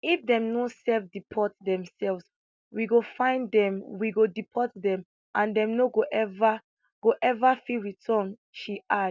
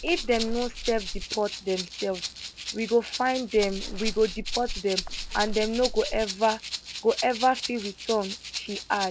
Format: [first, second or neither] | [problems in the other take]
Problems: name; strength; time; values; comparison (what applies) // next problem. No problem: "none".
first | background sound (Water / Splash, splatter + Rattle (instrument)); 7 dB below the speech